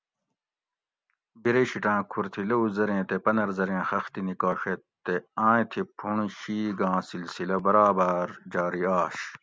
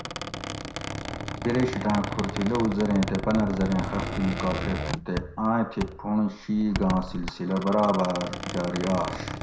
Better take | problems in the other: first | background sound (Squeak); 6 dB below the speech // room echo; dies away in 0.5 s

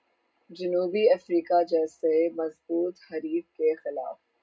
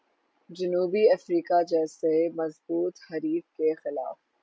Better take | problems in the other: second | room echo; dies away in 0.2 s

